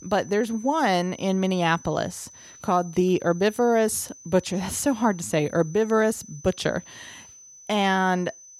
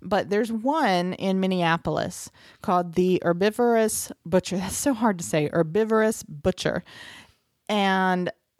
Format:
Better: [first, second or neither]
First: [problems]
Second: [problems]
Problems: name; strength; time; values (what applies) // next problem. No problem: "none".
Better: second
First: high-pitched whine; faint; throughout; 6 kHz, 20 dB below the speech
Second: none